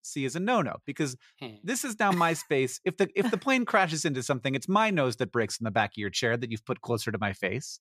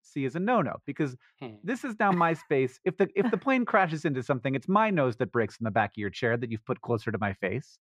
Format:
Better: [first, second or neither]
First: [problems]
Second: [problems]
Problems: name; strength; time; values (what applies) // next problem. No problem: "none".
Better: first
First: none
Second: muffled; very; fading above 3.5 kHz